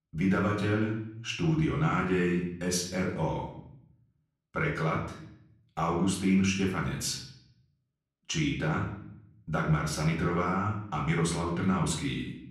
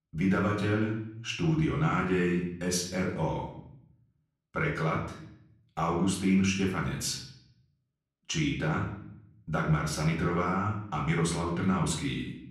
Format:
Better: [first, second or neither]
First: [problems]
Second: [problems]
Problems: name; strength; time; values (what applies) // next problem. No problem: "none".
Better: neither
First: off-mic speech; far // room echo; slight; dies away in 0.7 s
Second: off-mic speech; far // room echo; slight; dies away in 0.7 s